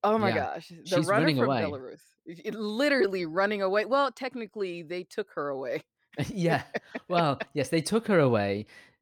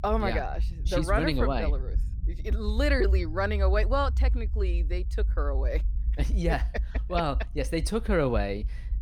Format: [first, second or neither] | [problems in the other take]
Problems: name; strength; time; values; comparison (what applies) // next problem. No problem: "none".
first | low rumble; faint; throughout; 20 dB below the speech